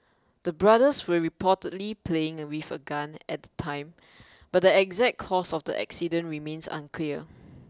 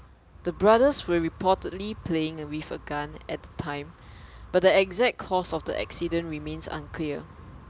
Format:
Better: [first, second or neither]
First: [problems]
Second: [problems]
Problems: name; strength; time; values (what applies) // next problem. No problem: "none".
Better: first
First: none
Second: background sound (Wind); 18 dB below the speech